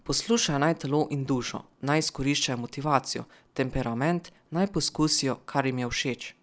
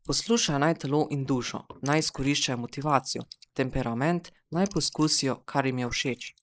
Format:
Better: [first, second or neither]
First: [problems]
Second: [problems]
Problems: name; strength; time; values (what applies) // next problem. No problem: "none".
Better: first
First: none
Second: noise reduction (neural mask model Resemble Enhance denoiser)